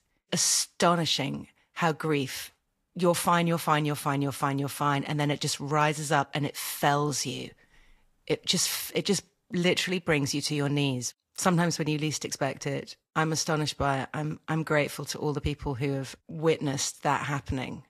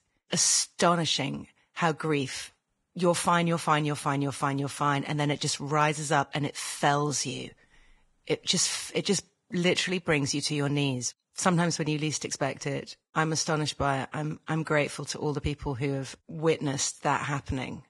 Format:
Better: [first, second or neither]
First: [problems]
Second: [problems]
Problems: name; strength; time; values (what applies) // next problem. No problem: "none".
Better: first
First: garbled, watery; slightly; nothing above 13.5 kHz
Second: garbled, watery; badly; nothing above 10.5 kHz